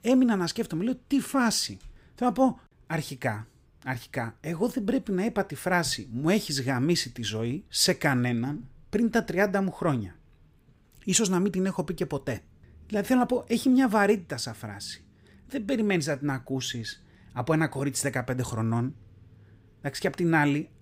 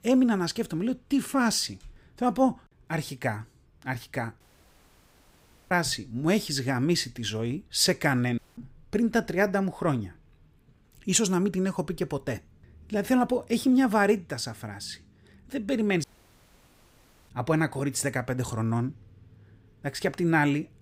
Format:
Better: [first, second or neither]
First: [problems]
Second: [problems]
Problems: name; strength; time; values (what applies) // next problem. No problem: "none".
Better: first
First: none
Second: audio cutting out; at 4.5 s for 1.5 s, at 8.5 s and at 16 s for 1.5 s